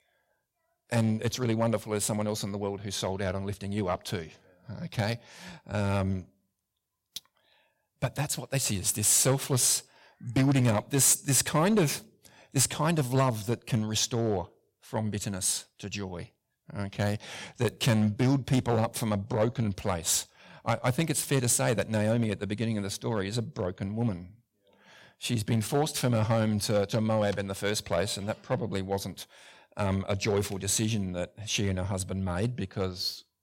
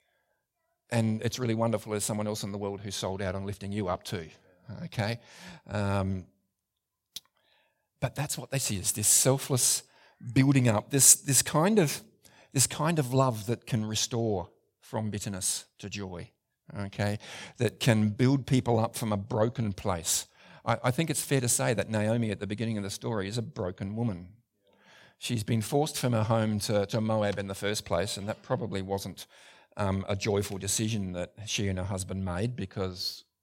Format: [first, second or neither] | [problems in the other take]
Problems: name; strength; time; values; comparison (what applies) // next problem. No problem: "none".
second | distortion; slight; 3% of the sound clipped